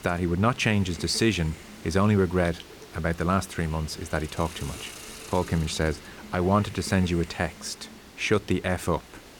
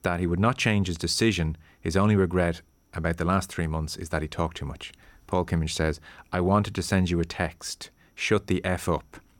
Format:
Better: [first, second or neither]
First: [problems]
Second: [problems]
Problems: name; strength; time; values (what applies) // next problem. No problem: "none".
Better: second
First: hiss; noticeable; throughout; 15 dB below the speech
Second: none